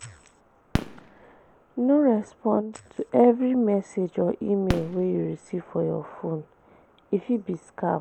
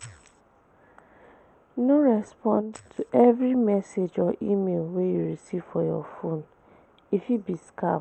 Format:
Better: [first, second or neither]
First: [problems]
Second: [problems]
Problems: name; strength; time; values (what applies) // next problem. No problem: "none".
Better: second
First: background sound (Fireworks); 13 dB below the speech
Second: none